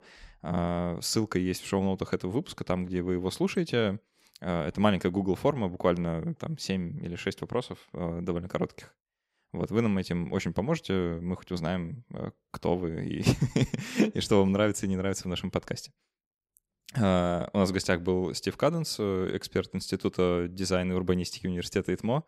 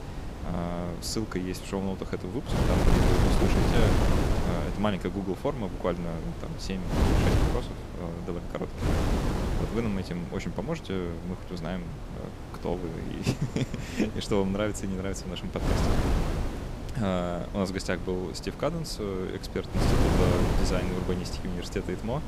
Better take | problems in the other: first | wind noise on the microphone; heavy; 1 dB below the speech

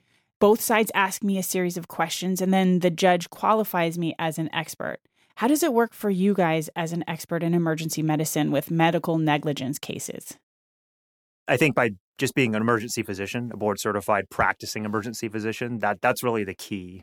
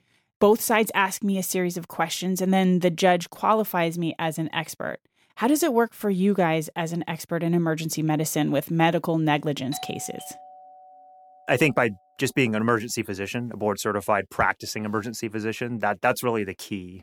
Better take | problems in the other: first | doorbell; faint; from 9.5 to 11 s; peak 15 dB below the speech

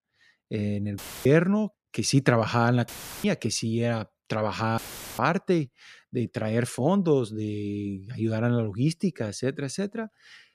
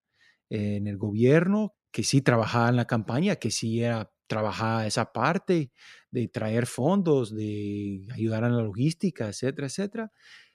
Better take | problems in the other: second | audio cutting out; filled with static; at 1 s, at 3 s and at 5 s

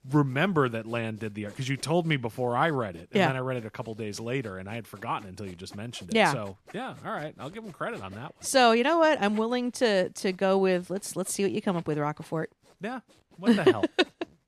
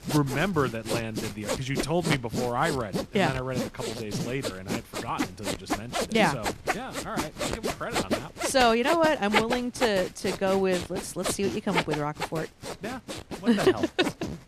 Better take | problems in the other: first | machinery noise; loud; throughout; 4 dB below the speech; faint in the first

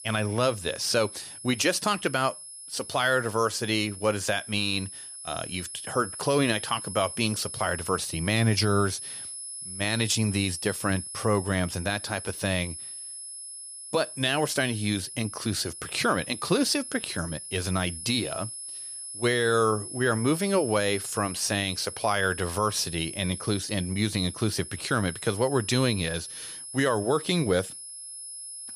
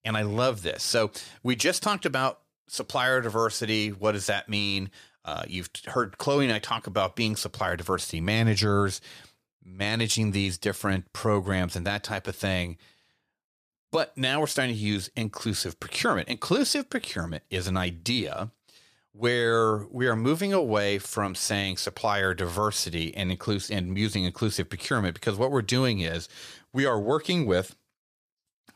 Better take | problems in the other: second | high-pitched whine; loud; throughout; 10.5 kHz, 10 dB below the speech

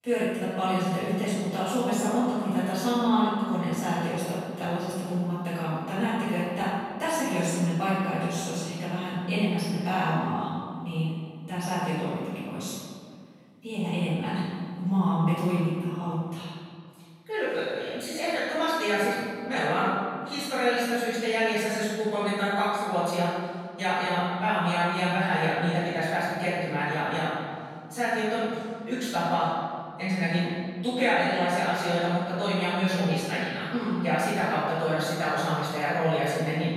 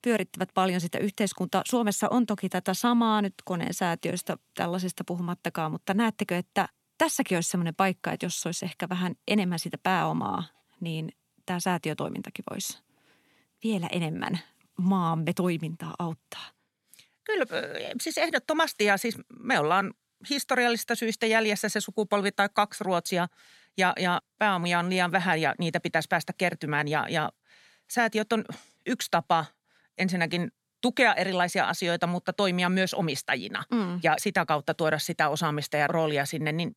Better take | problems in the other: second | off-mic speech; far // room echo; strong; dies away in 1.9 s

